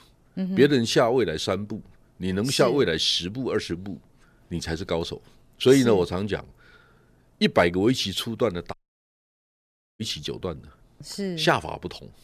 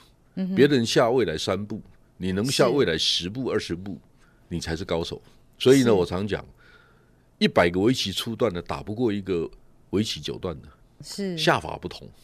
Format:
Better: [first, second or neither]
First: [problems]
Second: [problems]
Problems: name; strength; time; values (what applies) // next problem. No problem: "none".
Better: second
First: audio cutting out; at 8.5 s for 1.5 s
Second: none